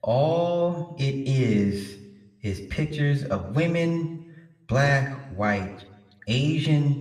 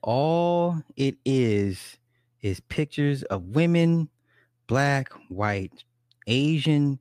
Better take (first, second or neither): second